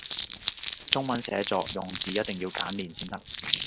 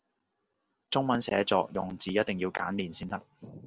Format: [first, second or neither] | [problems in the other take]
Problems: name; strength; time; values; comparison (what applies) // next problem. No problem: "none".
second | background sound (Crumpling, crinkling); 2 dB below the speech